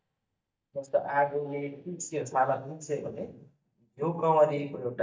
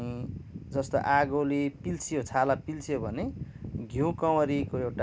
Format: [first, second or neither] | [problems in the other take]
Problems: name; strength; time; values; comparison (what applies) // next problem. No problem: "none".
second | noise reduction (neural mask model DeepFilterNet 3)